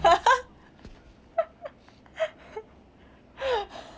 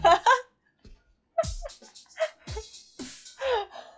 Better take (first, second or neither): first